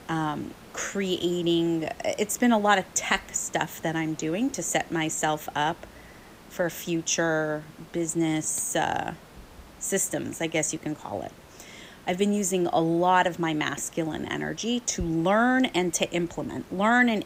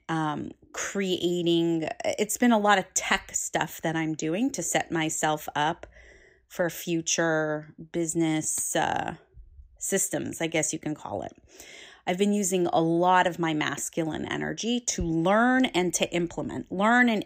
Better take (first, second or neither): second